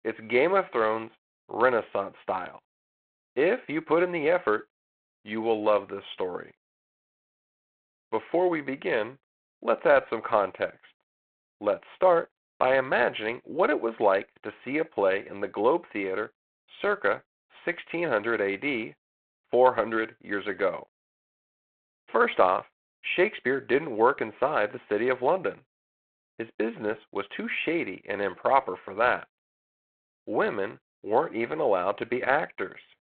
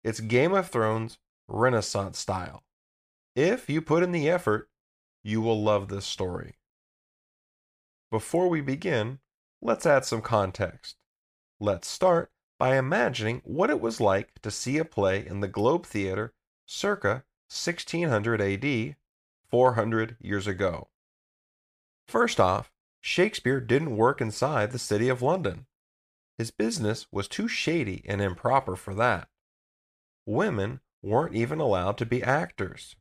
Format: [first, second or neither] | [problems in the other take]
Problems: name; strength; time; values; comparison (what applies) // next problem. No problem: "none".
second | phone-call audio; nothing above 3.5 kHz